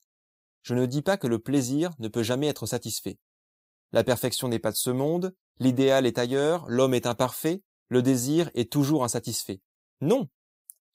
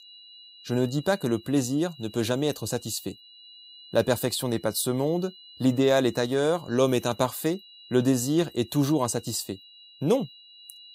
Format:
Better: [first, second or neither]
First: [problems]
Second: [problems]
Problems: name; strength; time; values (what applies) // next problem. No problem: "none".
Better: first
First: none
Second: high-pitched whine; faint; throughout; 4 kHz, 20 dB below the speech